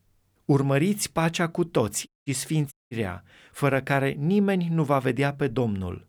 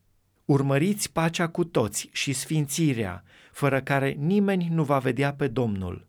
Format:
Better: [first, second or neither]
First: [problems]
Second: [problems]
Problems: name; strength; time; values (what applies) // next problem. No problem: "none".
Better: second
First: audio cutting out; at 2 s and at 2.5 s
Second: none